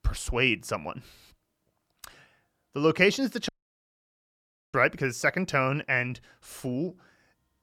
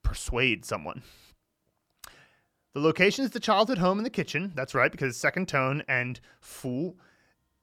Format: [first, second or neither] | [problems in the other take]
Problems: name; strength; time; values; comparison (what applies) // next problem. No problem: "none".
second | audio cutting out; at 3.5 s for 1 s